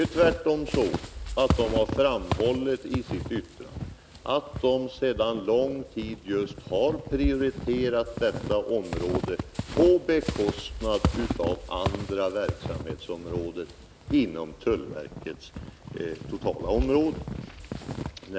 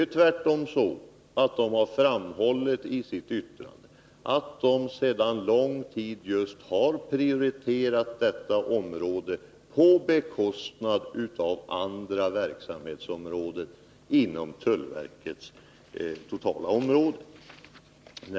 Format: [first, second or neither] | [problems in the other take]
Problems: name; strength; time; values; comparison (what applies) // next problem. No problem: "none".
second | background sound (Squeak / Walk, footsteps); 6 dB below the speech